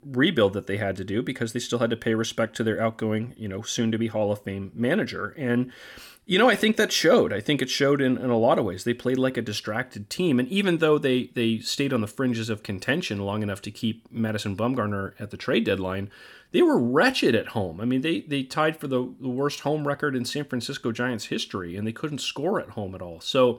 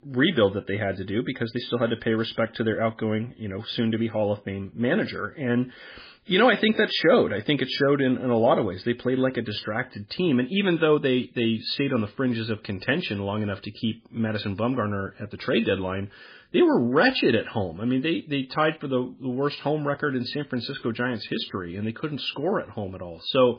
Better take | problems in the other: first | garbled, watery; badly; nothing above 5 kHz

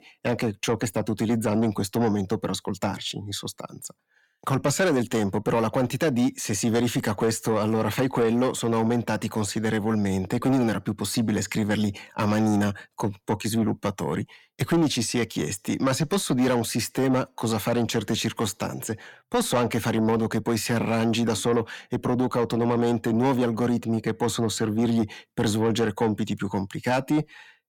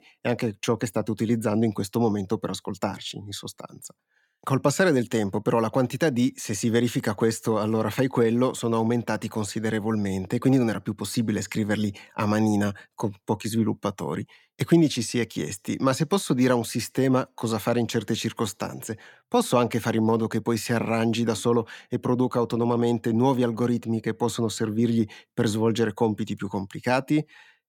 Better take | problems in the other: second | distortion; slight; 10 dB below the speech

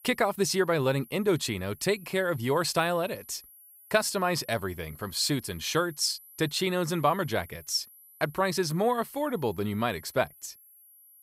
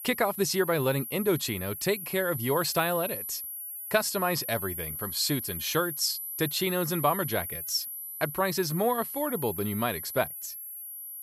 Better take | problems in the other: first | high-pitched whine; loud; throughout; 11.5 kHz, 6 dB below the speech; faint in the first

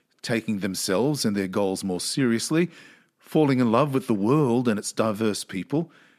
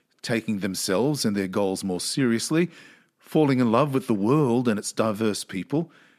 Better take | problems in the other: neither | none

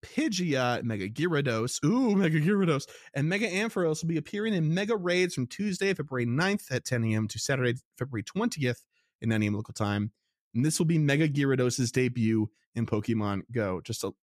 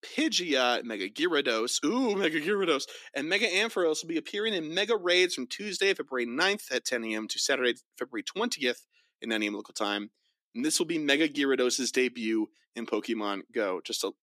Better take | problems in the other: first | thin; somewhat; fading below 250 Hz

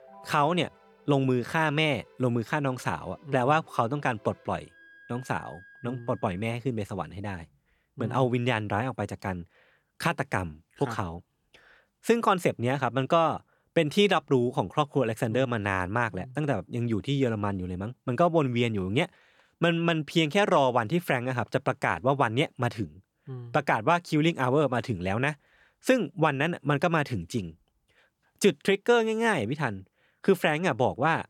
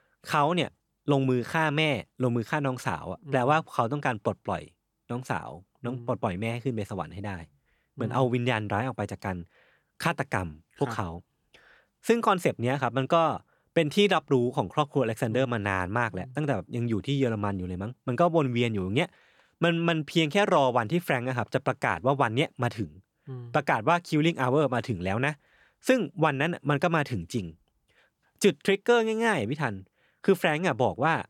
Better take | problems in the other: second | background music; faint; until 6.5 s; 30 dB below the speech

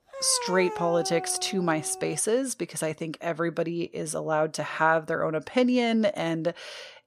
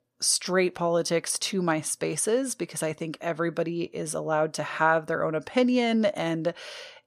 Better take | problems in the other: second | dog barking; noticeable; until 2 s; peak 7 dB below the speech

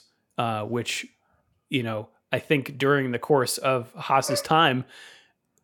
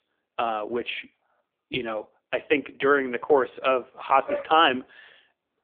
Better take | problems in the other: first | phone-call audio; poor line; nothing above 3.5 kHz

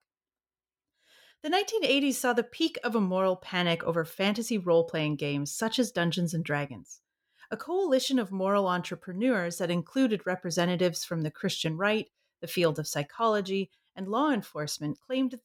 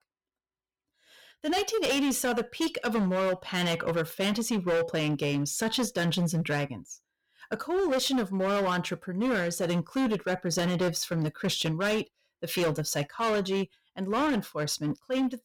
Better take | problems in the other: first | distortion; heavy; 15% of the sound clipped

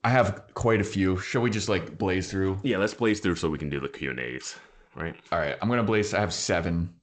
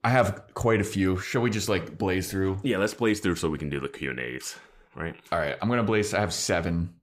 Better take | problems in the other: second | garbled, watery; slightly; nothing above 7.5 kHz

